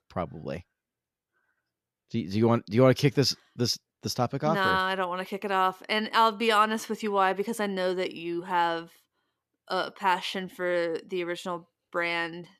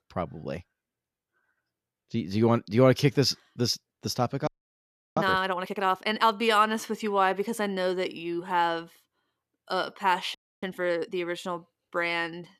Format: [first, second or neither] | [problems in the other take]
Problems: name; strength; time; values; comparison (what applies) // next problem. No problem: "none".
first | audio freezing; at 4.5 s for 0.5 s and at 10 s